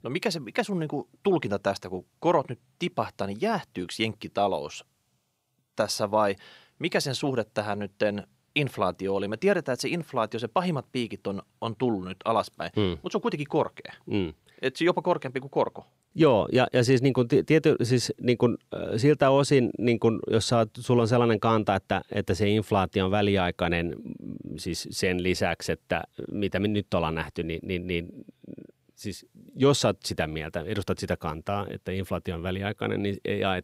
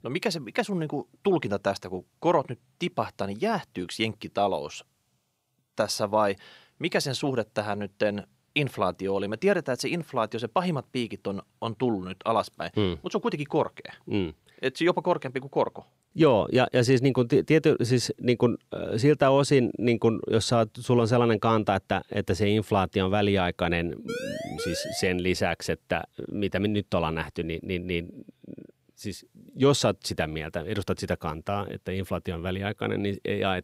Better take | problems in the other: first | siren; noticeable; at 24 s; peak 7 dB below the speech

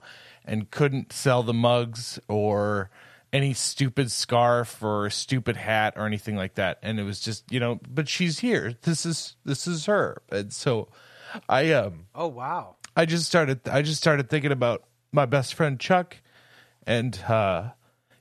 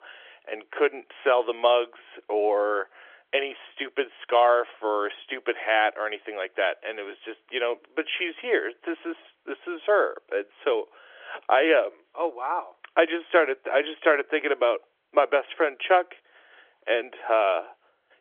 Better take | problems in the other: first | phone-call audio; nothing above 3.5 kHz

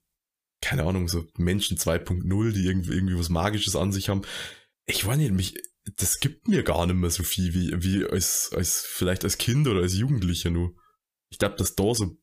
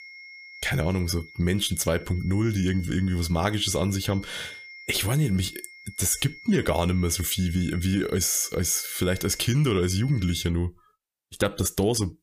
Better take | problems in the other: first | high-pitched whine; noticeable; until 10 s; 2 kHz, 20 dB below the speech

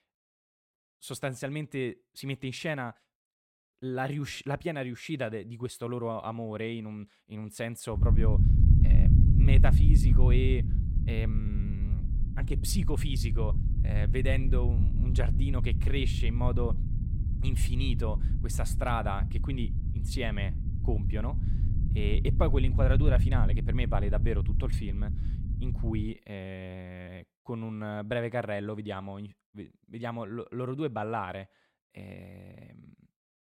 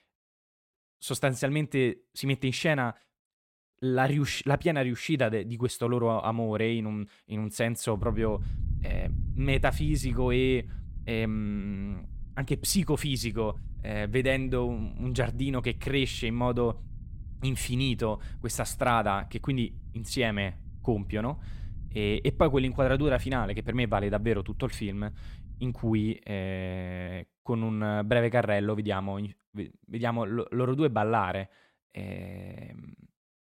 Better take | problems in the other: second | low rumble; loud; from 8 to 26 s; 7 dB below the speech; faint in the second

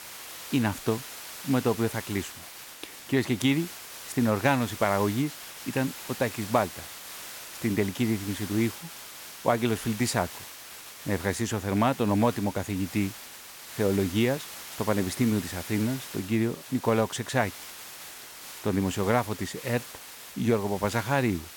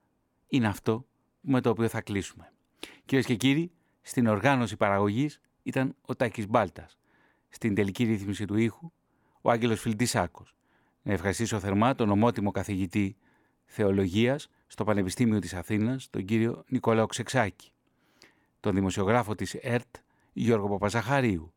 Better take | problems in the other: second | hiss; noticeable; throughout; 10 dB below the speech

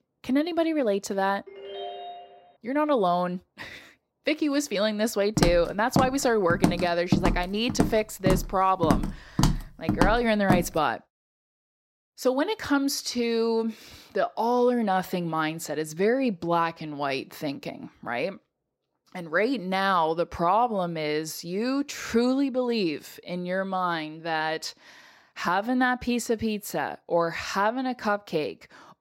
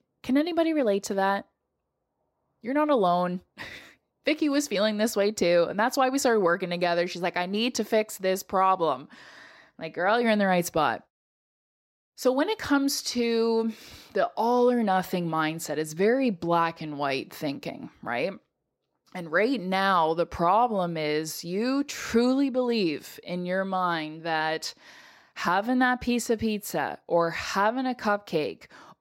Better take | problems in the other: second | phone ringing; noticeable; at 1.5 s; peak 10 dB below the speech // footsteps; loud; from 5.5 to 11 s; peak 1 dB above the speech

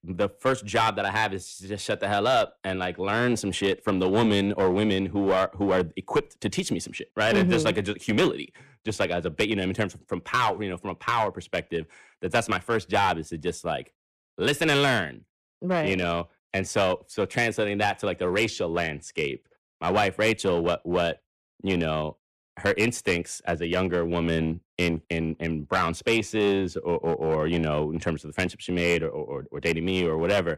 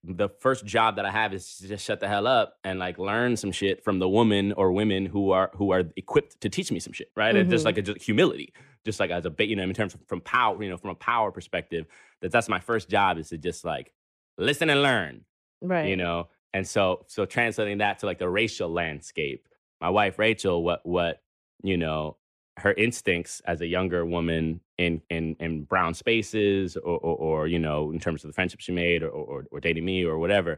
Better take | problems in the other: second | distortion; slight; 6% of the sound clipped

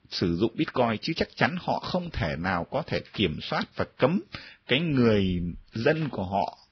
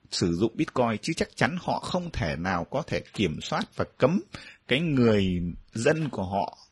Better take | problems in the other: second | garbled, watery; badly; nothing above 5.5 kHz; slightly in the second

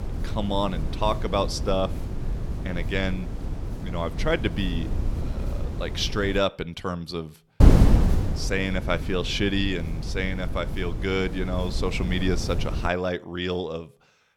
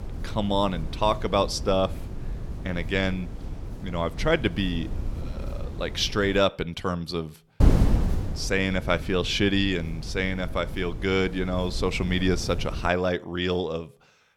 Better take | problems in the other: second | wind noise on the microphone; heavy; until 6.5 s and from 7.5 to 13 s; 9 dB below the speech; occasional gusts in the second

